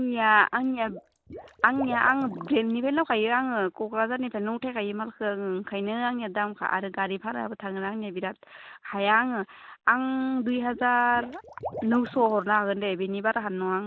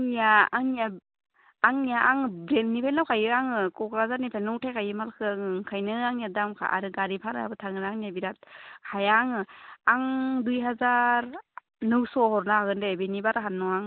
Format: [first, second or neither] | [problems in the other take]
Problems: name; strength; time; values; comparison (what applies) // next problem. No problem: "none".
second | background sound (Liquid); 16 dB below the speech